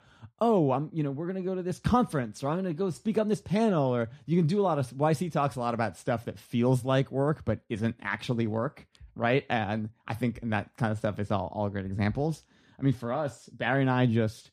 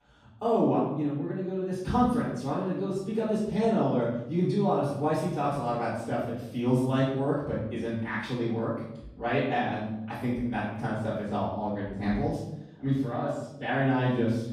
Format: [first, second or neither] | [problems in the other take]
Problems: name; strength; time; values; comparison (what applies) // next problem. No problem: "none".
first | off-mic speech; far // room echo; noticeable; dies away in 0.7 s